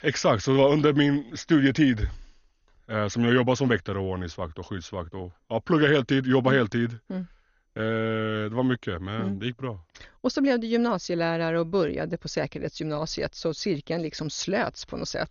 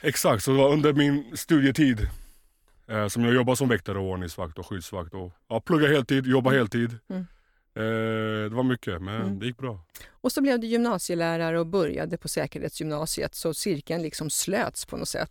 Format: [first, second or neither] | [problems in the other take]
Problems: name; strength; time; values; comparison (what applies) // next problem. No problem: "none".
second | garbled, watery; slightly; nothing above 6.5 kHz